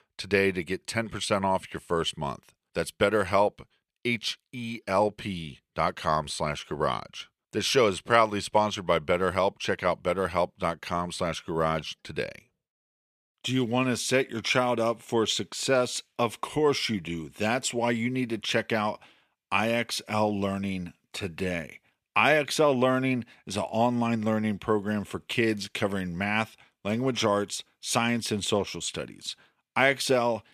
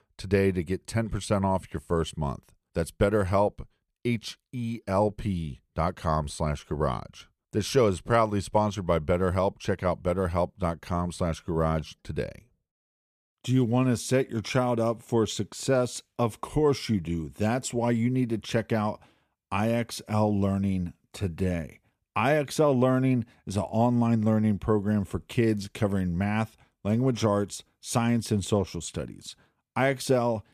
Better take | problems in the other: second | thin; very slightly; fading below 300 Hz

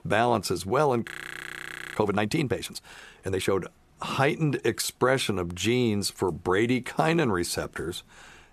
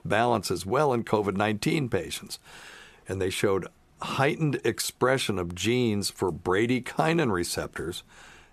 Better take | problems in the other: second | audio freezing; at 1 s for 1 s

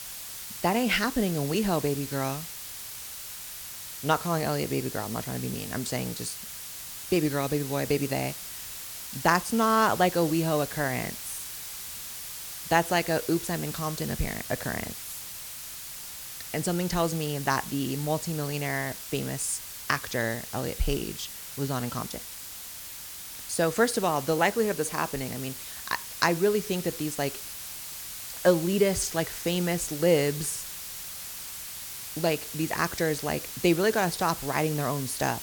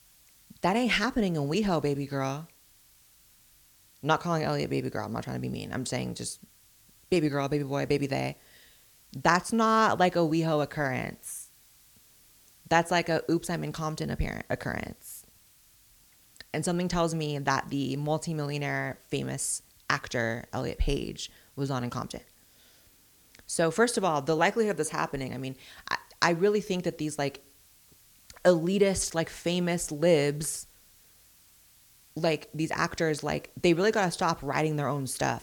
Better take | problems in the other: second | hiss; loud; throughout; 8 dB below the speech; faint in the second

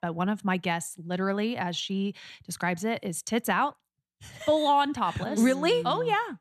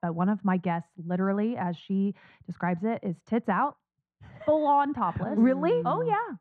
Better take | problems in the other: first | muffled; very; fading above 1 kHz

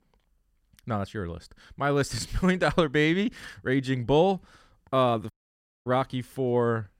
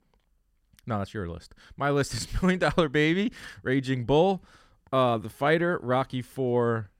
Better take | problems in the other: second | audio cutting out; at 5.5 s for 0.5 s

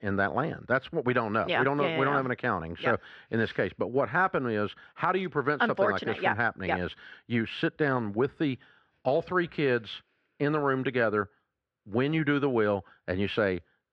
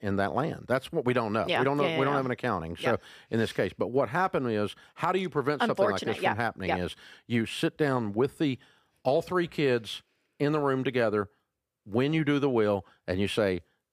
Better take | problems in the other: second | muffled; slightly; fading above 3.5 kHz

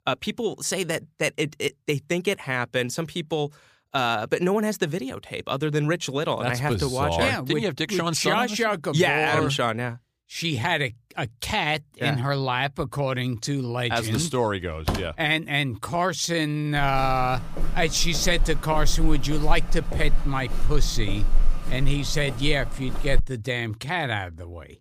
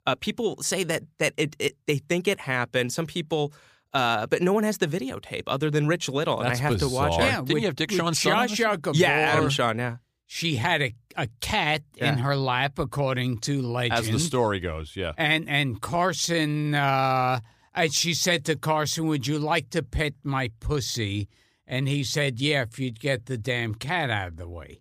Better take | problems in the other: second | door banging; noticeable; at 14 s; peak 4 dB below the speech // footsteps; noticeable; from 17 to 23 s; peak 2 dB below the speech

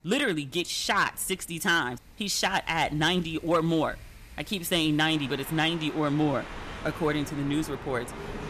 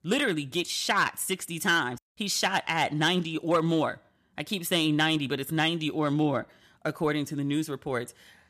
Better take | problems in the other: second | wind in the background; noticeable; throughout; 15 dB below the speech

